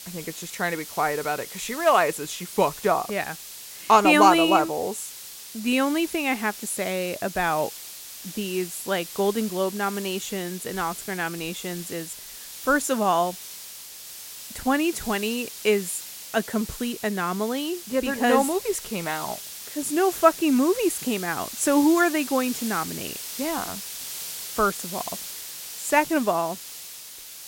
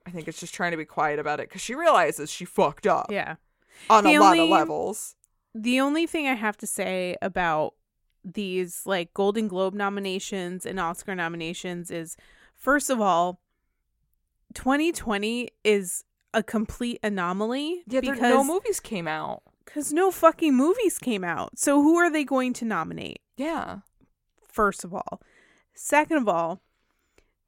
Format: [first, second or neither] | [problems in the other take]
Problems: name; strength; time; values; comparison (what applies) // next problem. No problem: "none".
second | hiss; noticeable; throughout; 10 dB below the speech